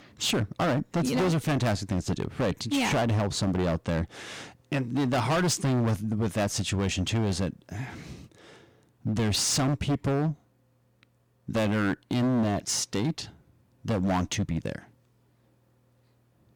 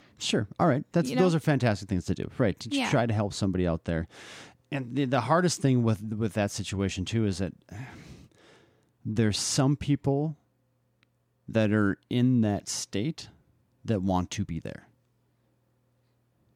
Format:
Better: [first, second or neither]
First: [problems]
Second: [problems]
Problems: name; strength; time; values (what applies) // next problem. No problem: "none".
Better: second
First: distortion; heavy; 15% of the sound clipped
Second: none